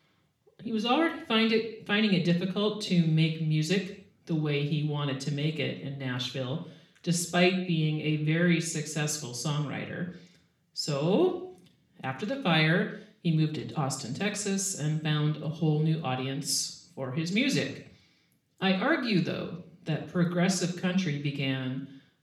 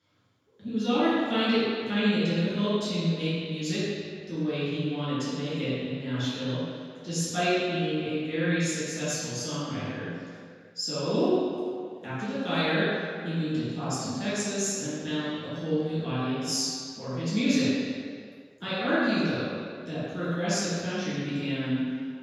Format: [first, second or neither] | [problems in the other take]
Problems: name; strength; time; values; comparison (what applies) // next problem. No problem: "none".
first | room echo; strong; dies away in 1.9 s; slight in the first // off-mic speech; far; somewhat distant in the first